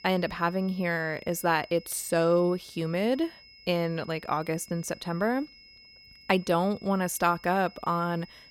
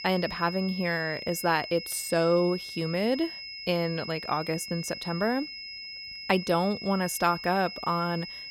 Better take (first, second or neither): first